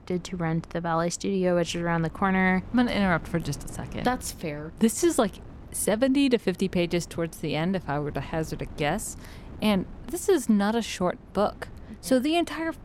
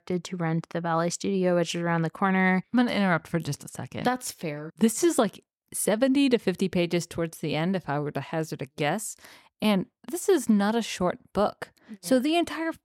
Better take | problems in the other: second | wind noise on the microphone; occasional gusts; 25 dB below the speech

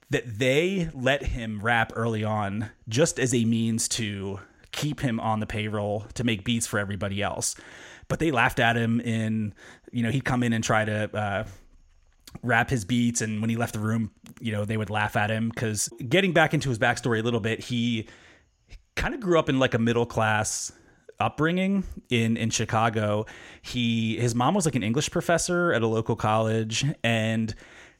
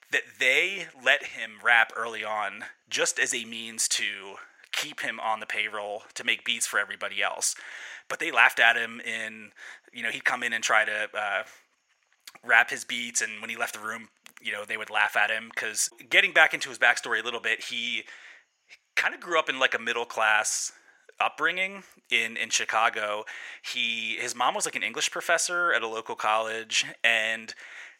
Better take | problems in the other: first | thin; very; fading below 750 Hz

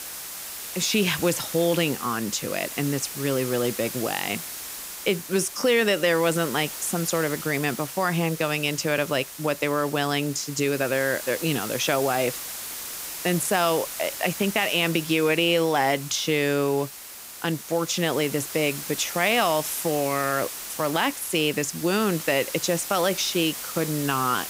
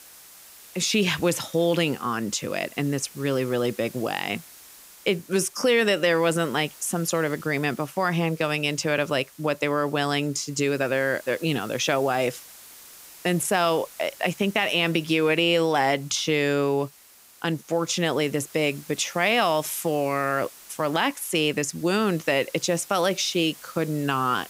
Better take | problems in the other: second | hiss; loud; throughout; 9 dB below the speech; faint in the second

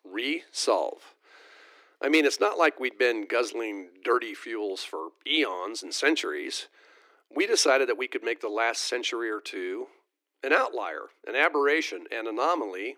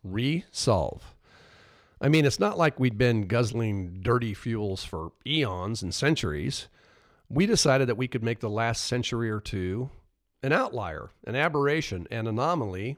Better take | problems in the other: second | thin; very; fading below 300 Hz

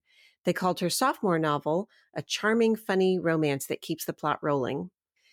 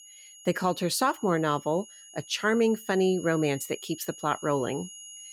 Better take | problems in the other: first | high-pitched whine; noticeable; throughout; 6.5 kHz, 15 dB below the speech

